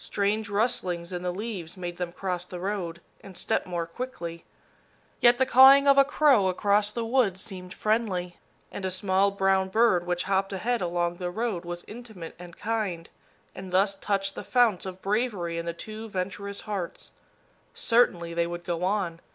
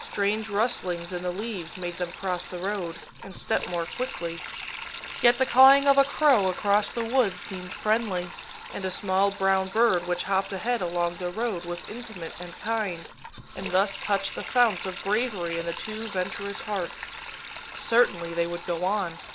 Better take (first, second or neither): first